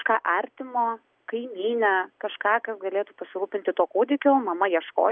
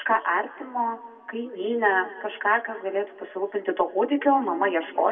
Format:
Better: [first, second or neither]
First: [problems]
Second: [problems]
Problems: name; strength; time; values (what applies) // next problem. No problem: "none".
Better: first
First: none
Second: room echo; dies away in 1.6 s